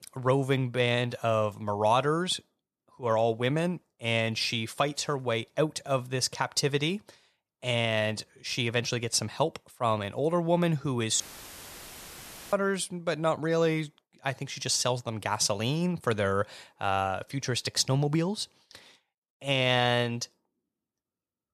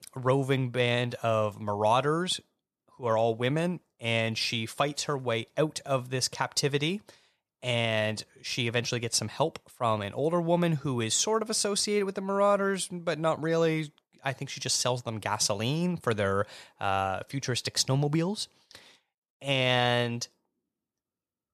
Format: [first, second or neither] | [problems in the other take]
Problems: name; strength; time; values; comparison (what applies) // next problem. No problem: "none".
second | audio cutting out; filled with static; at 11 s for 1.5 s